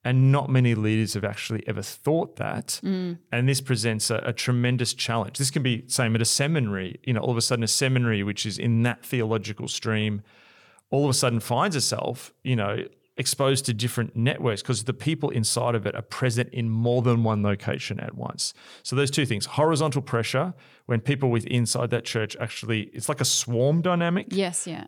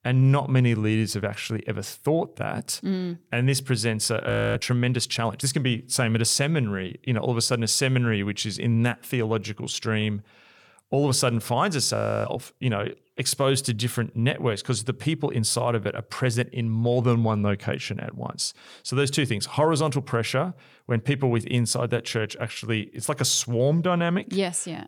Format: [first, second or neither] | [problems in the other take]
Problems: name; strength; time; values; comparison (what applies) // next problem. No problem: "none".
first | audio freezing; at 4.5 s and at 12 s